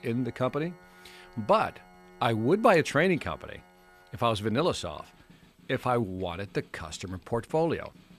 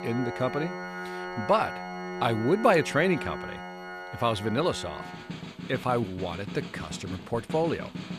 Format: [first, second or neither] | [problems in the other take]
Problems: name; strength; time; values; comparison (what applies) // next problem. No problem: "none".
first | background music; loud; throughout; 9 dB below the speech; faint in the first